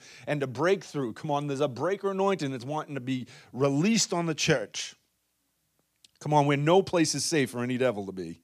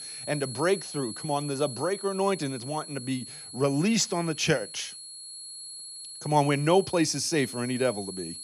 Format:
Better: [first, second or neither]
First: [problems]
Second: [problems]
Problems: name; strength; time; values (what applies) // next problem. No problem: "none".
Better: first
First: none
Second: high-pitched whine; noticeable; throughout; 4.5 kHz, 10 dB below the speech